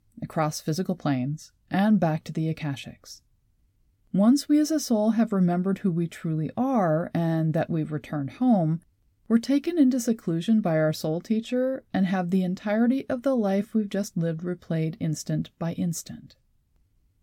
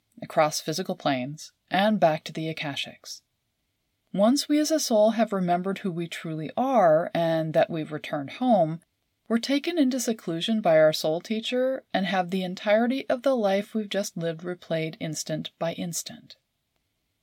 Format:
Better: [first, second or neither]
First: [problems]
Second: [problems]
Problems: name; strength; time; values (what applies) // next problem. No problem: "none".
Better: first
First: none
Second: thin; somewhat; fading below 450 Hz